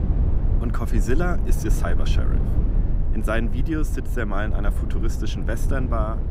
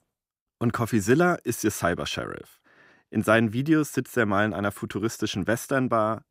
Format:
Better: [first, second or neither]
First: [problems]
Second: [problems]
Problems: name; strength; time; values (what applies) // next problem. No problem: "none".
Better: second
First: low rumble; loud; throughout; 8 dB below the speech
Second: none